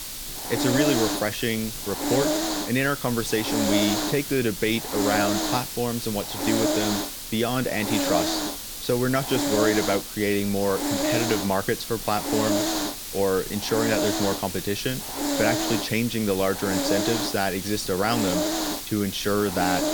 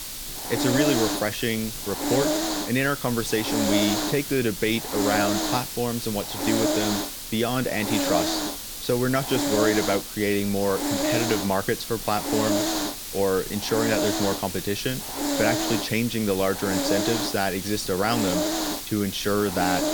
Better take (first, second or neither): neither